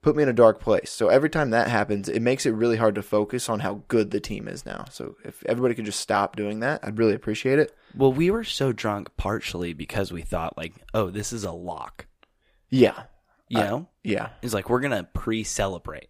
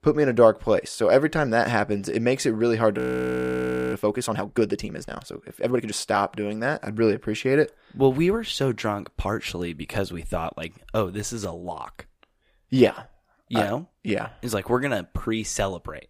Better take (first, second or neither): first